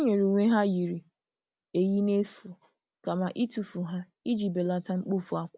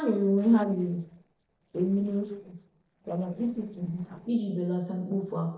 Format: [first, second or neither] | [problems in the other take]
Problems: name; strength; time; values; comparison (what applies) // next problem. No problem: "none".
first | noise reduction (neural separator model SepFormer DNS4)